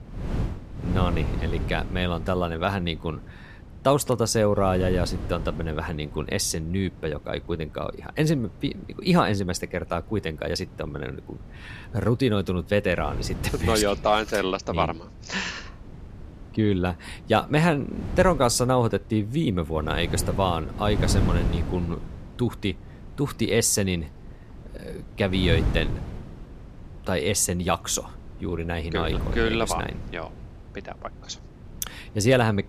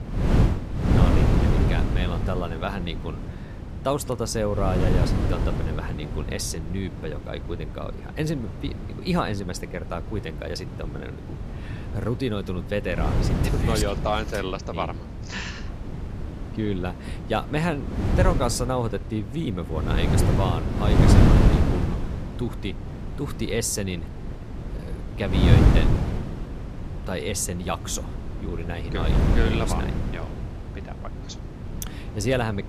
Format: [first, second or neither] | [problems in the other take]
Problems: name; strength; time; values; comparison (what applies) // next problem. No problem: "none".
first | wind noise on the microphone; heavy; 3 dB below the speech; occasional gusts in the first